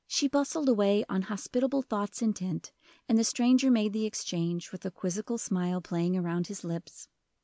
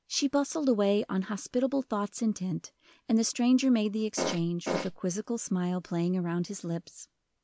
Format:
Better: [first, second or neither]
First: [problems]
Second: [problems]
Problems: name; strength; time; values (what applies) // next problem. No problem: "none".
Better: first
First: none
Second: background sound (Fart); 3 dB below the speech